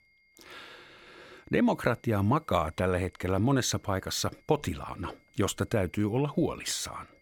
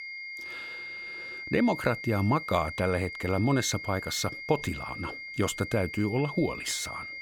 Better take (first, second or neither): first